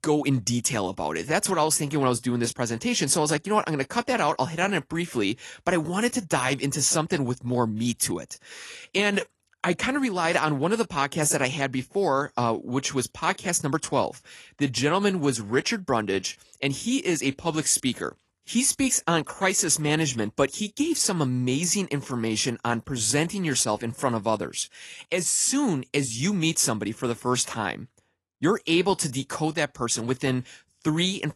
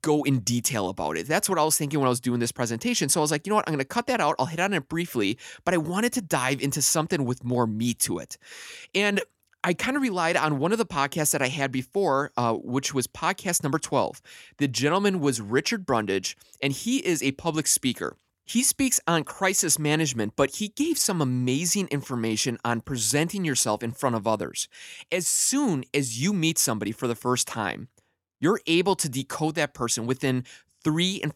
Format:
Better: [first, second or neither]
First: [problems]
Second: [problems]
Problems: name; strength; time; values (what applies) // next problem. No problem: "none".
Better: second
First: garbled, watery; slightly; nothing above 11.5 kHz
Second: none